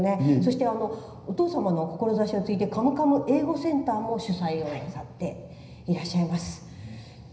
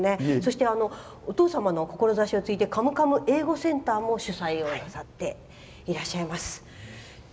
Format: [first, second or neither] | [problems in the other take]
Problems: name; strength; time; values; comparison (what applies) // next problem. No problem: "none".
second | room echo; dies away in 0.9 s